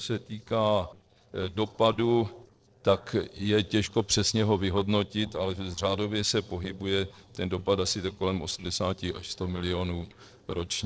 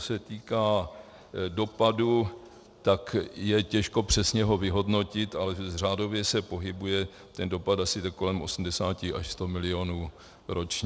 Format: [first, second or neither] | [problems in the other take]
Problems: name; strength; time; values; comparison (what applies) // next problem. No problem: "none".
second | noise reduction (neural separator model SepFormer DNS4)